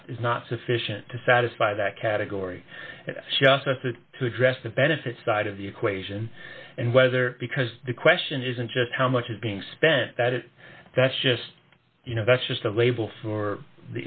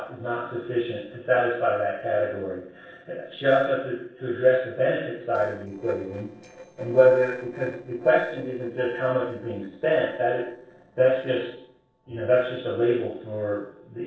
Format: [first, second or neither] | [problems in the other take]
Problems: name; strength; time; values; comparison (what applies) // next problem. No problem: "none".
first | noise reduction (neural separator model SepFormer DNS4)